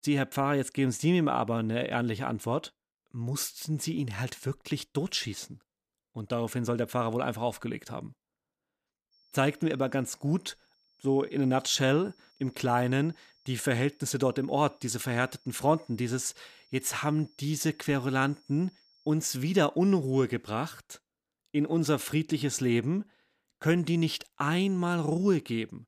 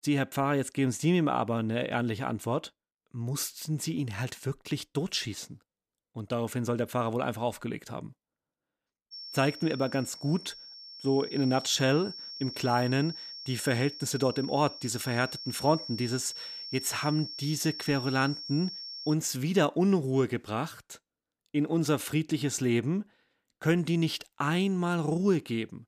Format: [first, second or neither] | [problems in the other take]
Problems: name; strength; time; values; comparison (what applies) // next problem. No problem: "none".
first | high-pitched whine; loud; from 9 to 19 s; 5.5 kHz, 10 dB below the speech; faint in the first